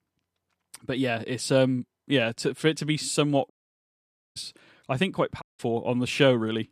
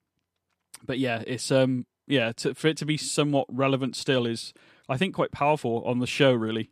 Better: second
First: audio cutting out; at 3.5 s for 1 s and at 5.5 s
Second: none

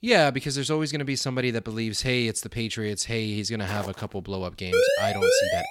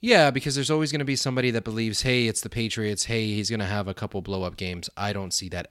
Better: second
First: footsteps; faint; at 3.5 s; peak 10 dB below the speech // siren; loud; at 4.5 s; peak 6 dB above the speech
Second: none

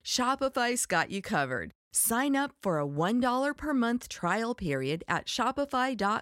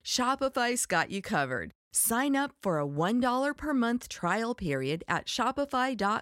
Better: neither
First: none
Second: none

